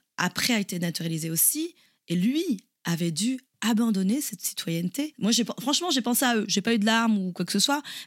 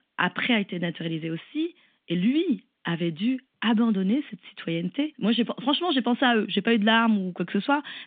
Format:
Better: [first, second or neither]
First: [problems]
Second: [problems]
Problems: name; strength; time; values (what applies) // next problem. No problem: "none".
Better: first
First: none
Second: phone-call audio; nothing above 3 kHz